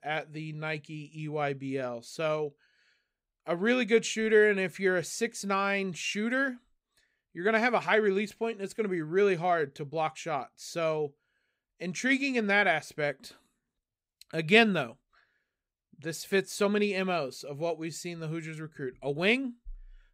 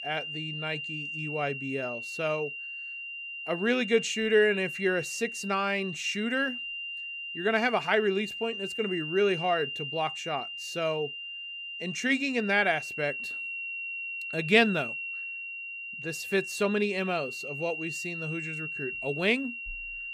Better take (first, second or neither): first